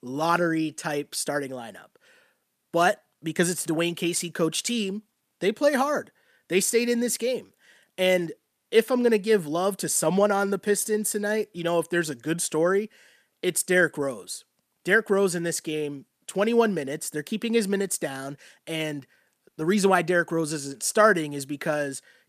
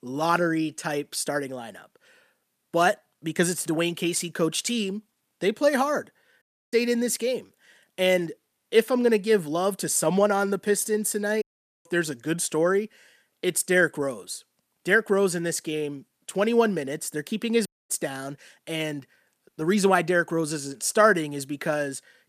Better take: first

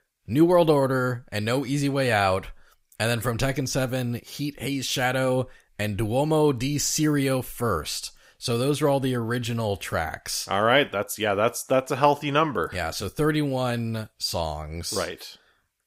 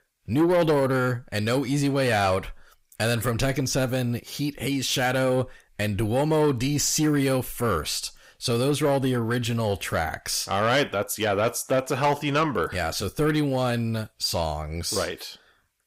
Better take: first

